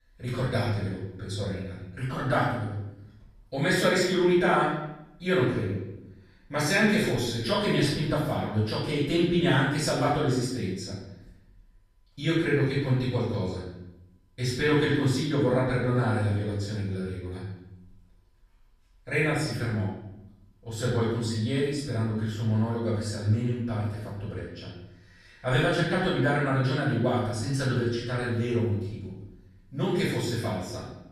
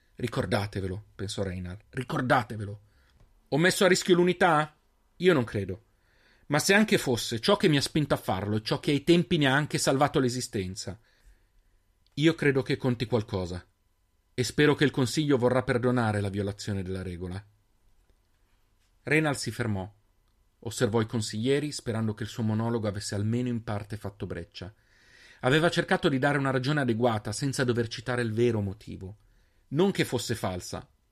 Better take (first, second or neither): second